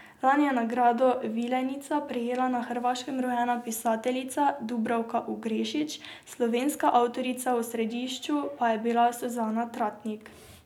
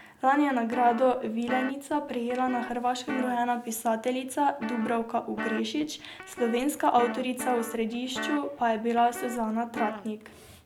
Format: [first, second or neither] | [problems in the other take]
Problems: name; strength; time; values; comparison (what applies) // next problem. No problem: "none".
first | background sound (Guitar); 11 dB below the speech